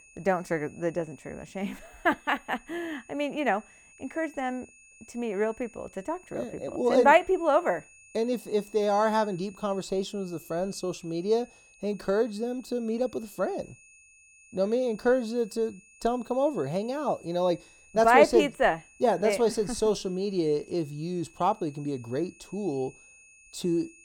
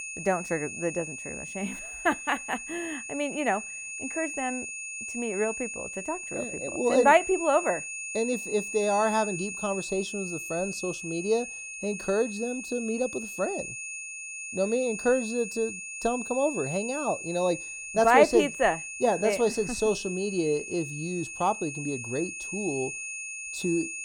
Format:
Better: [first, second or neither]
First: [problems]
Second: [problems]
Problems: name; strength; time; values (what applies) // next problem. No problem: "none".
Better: first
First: high-pitched whine; faint; throughout; 2.5 kHz, 25 dB below the speech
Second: high-pitched whine; loud; throughout; 2.5 kHz, 7 dB below the speech